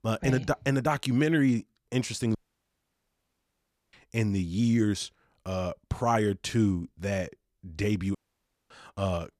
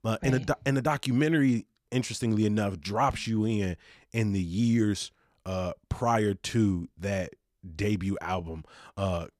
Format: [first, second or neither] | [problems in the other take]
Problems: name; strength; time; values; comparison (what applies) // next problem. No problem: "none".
second | audio cutting out; at 2.5 s for 1.5 s and at 8 s for 0.5 s